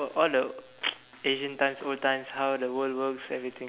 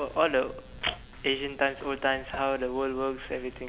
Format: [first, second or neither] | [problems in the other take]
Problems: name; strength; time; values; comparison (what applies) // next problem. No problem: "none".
first | background sound (Drip / Sink (filling or washing) / Water tap, faucet); 16 dB below the speech